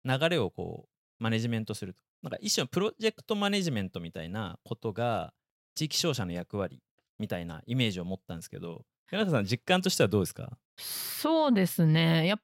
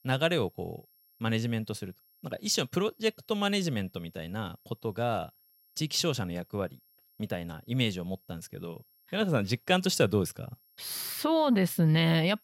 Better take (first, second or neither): first